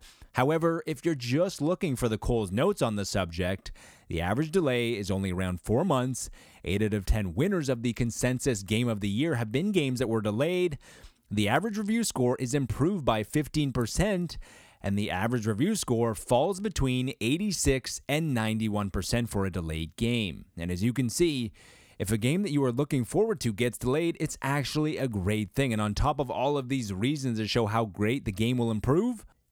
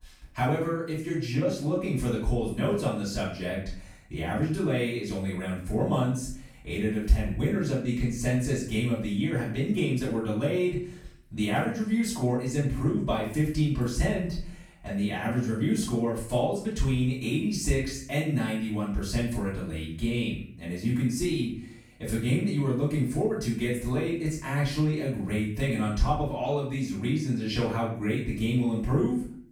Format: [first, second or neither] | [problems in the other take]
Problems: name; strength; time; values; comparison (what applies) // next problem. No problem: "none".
first | off-mic speech; far // room echo; noticeable; dies away in 0.5 s